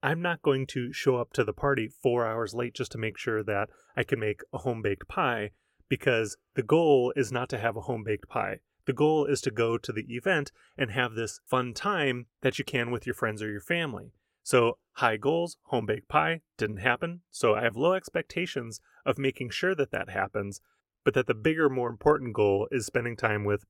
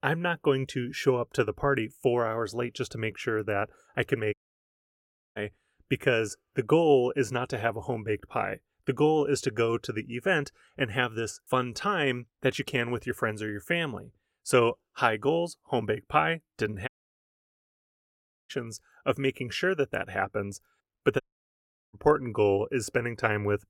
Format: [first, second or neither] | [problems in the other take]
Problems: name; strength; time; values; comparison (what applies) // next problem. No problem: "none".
first | audio cutting out; at 4.5 s for 1 s, at 17 s for 1.5 s and at 21 s for 0.5 s